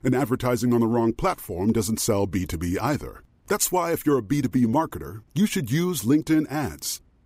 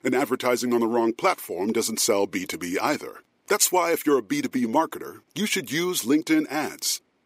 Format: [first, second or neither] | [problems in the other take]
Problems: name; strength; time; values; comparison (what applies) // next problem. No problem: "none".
first | thin; very slightly; fading below 350 Hz